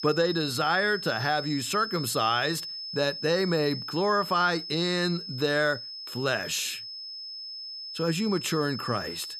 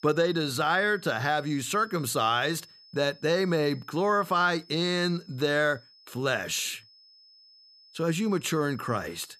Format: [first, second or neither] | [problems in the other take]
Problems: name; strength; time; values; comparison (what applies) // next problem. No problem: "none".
second | high-pitched whine; loud; throughout; 5 kHz, 8 dB below the speech; faint in the second